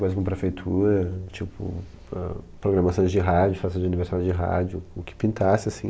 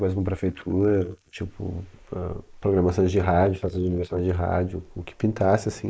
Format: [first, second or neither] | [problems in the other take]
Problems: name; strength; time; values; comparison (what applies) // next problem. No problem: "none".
first | noise reduction (neural mask model Resemble Enhance denoiser)